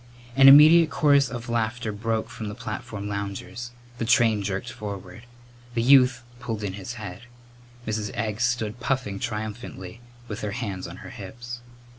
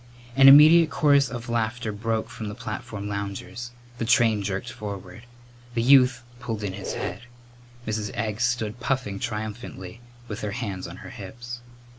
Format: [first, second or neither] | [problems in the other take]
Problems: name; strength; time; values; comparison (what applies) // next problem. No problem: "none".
first | background sound (Squeak); 15 dB below the speech